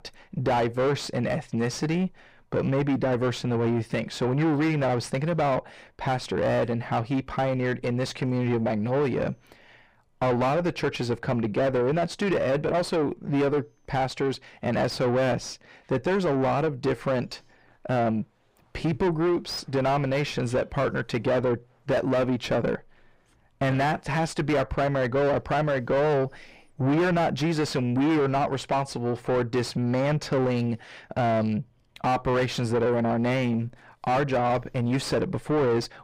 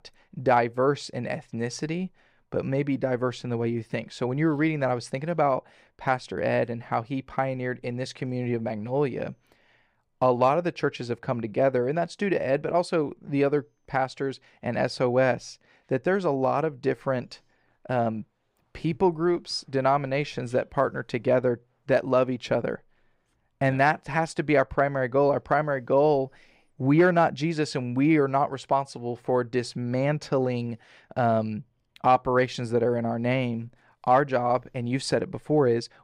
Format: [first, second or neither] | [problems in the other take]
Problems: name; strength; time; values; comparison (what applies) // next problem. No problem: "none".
second | distortion; heavy; 5 dB below the speech